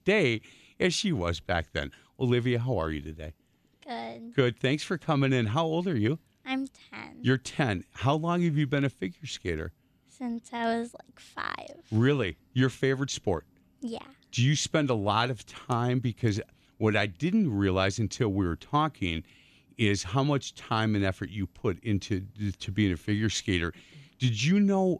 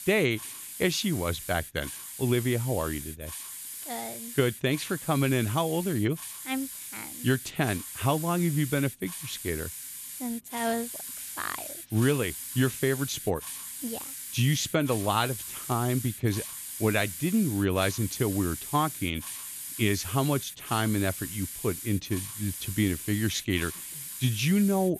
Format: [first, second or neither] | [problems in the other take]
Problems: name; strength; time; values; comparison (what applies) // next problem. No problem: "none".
first | hiss; loud; throughout; 8 dB below the speech